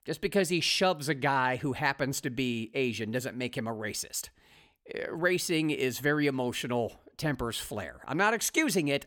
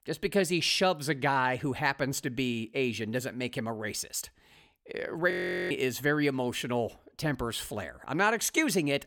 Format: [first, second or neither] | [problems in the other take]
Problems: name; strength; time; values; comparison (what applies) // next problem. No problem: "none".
first | audio freezing; at 5.5 s